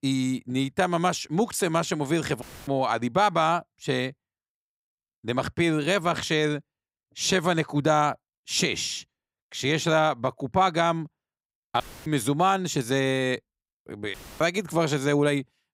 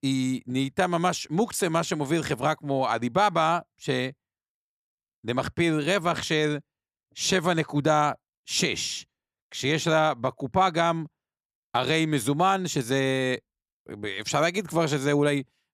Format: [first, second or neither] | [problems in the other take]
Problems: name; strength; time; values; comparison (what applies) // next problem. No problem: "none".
second | audio cutting out; filled with static; at 2.5 s, at 12 s and at 14 s